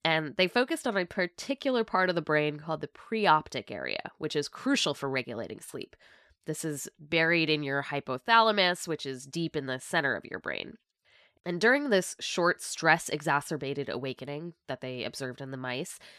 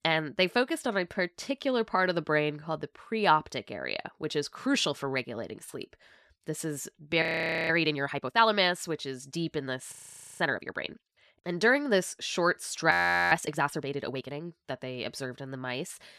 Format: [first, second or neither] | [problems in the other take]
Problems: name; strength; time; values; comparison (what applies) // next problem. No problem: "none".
first | audio freezing; at 7 s, at 10 s and at 13 s